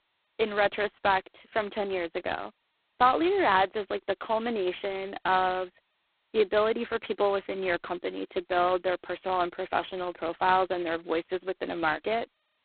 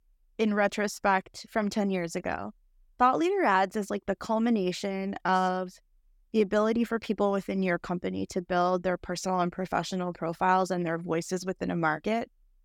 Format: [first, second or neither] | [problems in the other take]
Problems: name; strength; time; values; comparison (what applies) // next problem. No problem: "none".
second | phone-call audio; poor line; nothing above 4 kHz